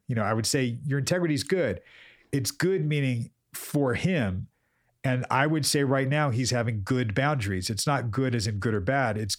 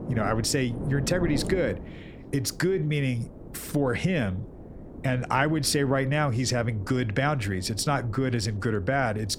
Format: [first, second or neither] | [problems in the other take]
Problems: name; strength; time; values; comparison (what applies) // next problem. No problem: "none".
first | wind noise on the microphone; occasional gusts; 15 dB below the speech